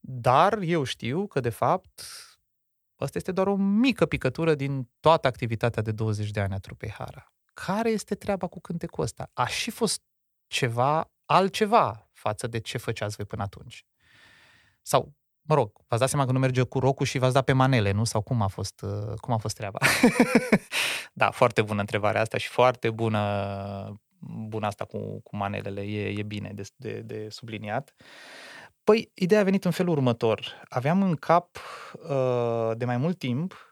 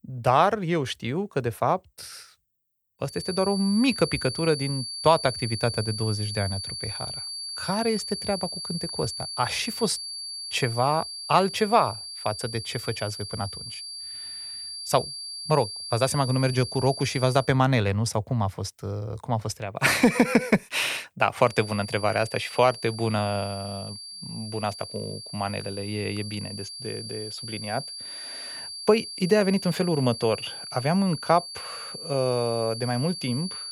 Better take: first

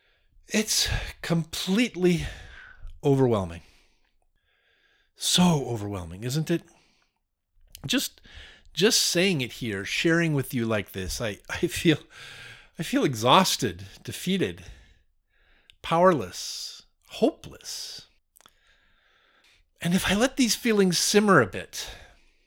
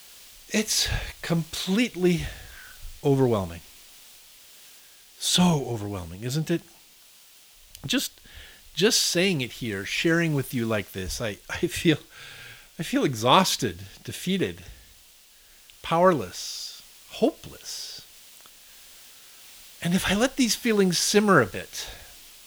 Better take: first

